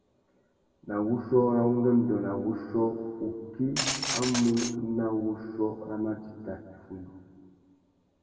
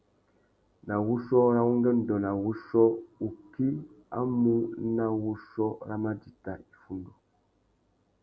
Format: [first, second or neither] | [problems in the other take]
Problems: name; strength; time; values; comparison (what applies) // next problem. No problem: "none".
second | background sound (Glass); 5 dB below the speech // room echo; dies away in 1.8 s